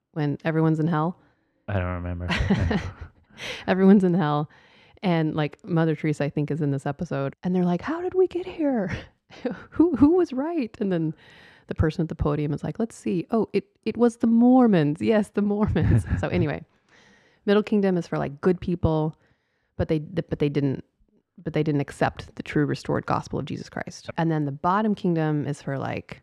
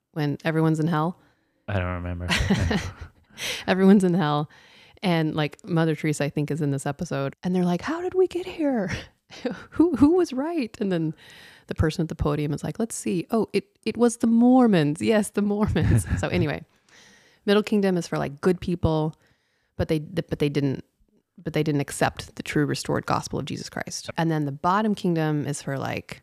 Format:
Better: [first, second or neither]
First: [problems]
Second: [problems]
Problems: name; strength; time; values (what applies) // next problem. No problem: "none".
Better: second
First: muffled; slightly; fading above 2 kHz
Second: none